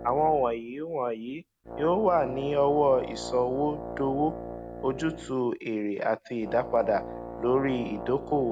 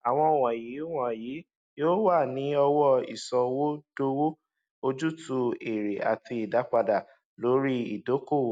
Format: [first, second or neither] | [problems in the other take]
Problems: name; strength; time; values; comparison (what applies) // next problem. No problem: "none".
second | background sound (Brass instrument); 12 dB below the speech